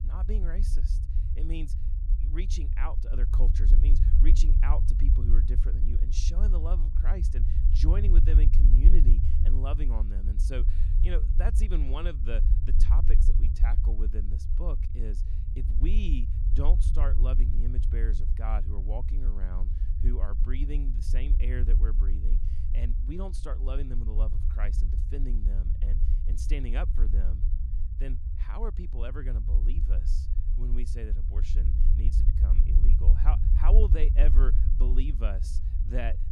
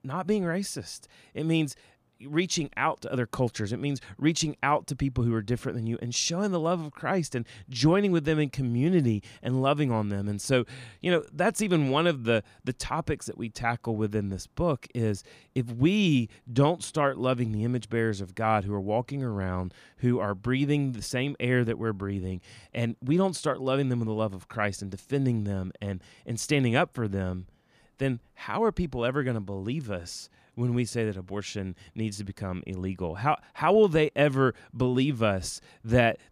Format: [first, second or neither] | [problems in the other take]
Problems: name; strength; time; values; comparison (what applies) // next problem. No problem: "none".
second | low rumble; loud; throughout; 5 dB below the speech